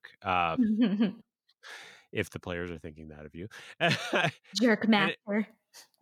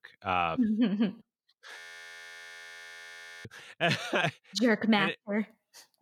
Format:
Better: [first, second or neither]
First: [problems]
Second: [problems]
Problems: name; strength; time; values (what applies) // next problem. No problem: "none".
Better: first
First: none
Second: audio freezing; at 2 s for 1.5 s